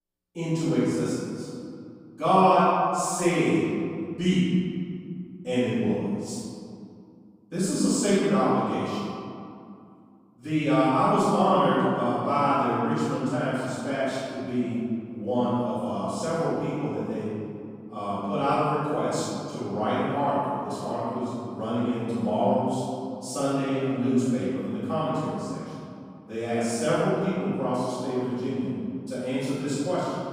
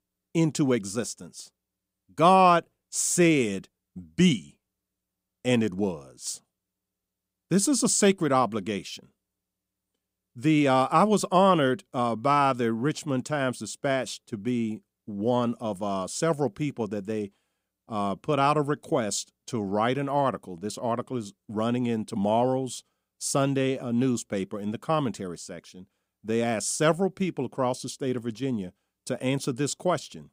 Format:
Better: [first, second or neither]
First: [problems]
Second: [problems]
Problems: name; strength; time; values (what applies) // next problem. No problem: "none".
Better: second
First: room echo; strong; dies away in 2.3 s // off-mic speech; far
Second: none